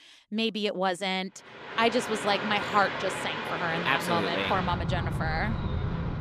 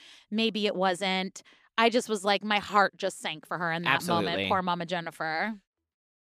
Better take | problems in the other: second | rain or running water; loud; from 2 s on; 3 dB below the speech

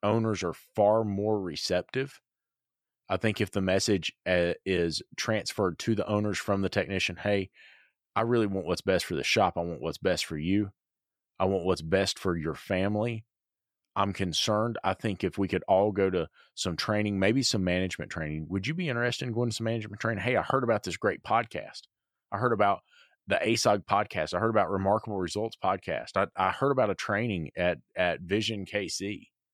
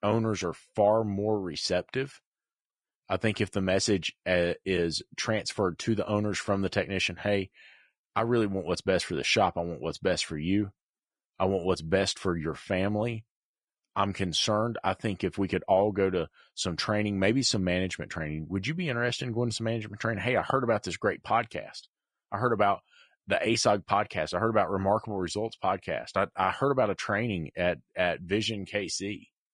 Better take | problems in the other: first | garbled, watery; slightly; nothing above 10 kHz

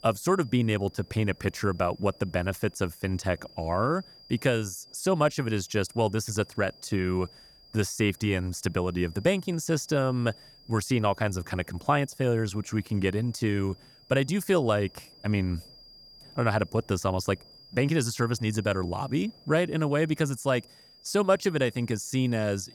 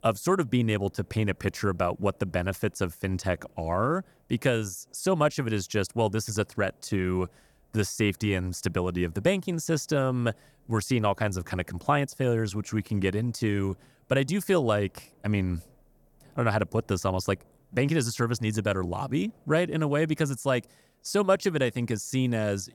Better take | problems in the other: second | high-pitched whine; faint; throughout; 5 kHz, 25 dB below the speech

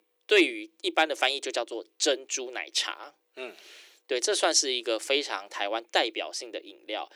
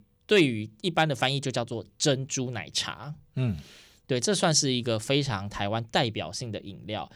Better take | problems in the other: second | thin; very; fading below 300 Hz

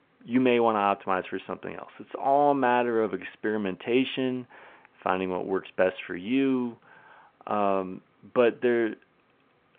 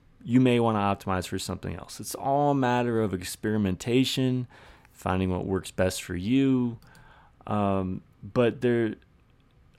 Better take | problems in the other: second | phone-call audio; nothing above 3.5 kHz

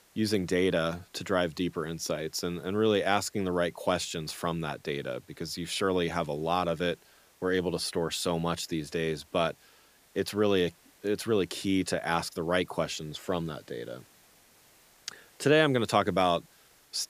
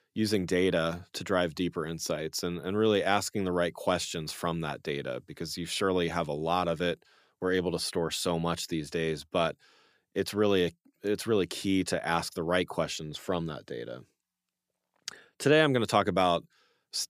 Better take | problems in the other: second | hiss; faint; throughout; 30 dB below the speech

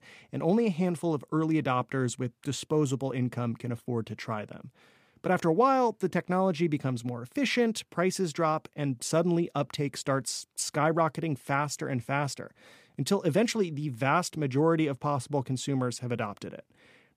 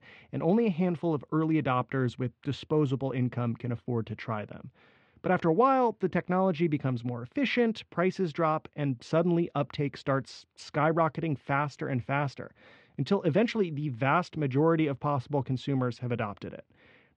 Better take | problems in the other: first | muffled; slightly; fading above 3.5 kHz

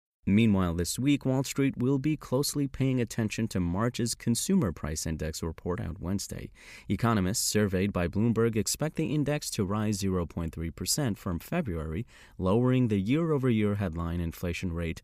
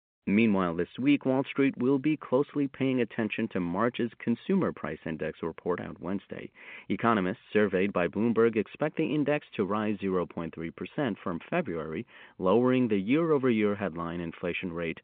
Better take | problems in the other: first | phone-call audio

